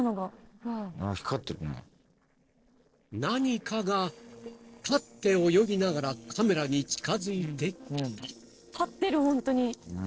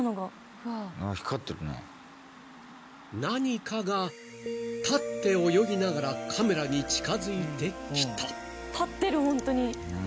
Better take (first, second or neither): second